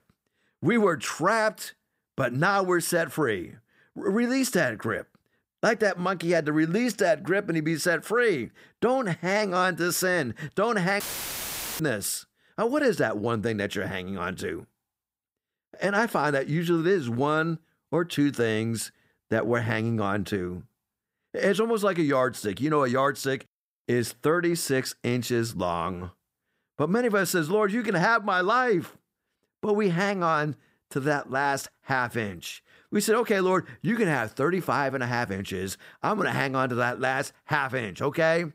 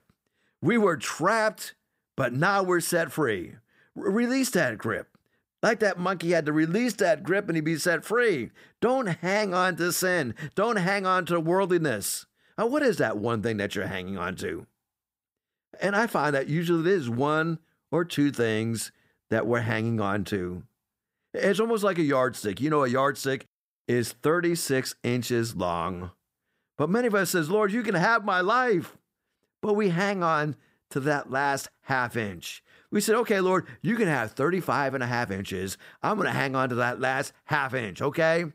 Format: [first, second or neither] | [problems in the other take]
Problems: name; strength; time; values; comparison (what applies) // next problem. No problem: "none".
second | audio cutting out; filled with static; at 11 s for 1 s